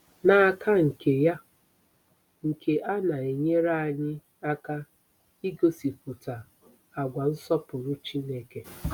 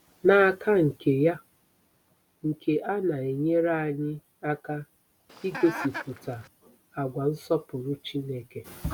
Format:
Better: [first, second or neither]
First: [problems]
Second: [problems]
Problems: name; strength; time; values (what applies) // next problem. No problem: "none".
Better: first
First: none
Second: background sound (Chicken, rooster); 10 dB below the speech